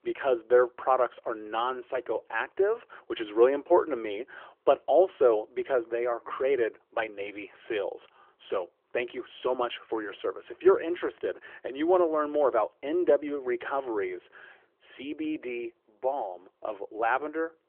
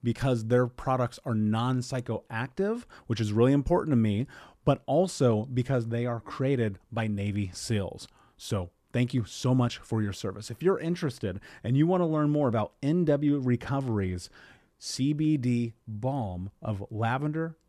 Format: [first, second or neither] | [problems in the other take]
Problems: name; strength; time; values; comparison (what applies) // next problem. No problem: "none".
second | phone-call audio; nothing above 3.5 kHz